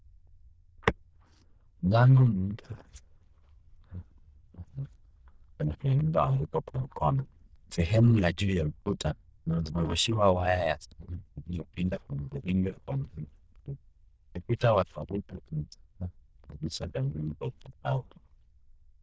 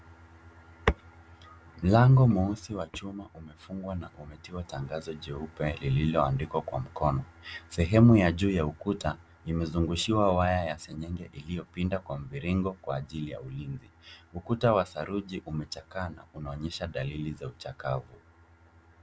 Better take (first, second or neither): second